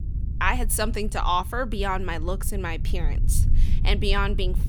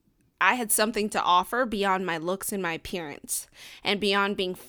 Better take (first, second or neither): second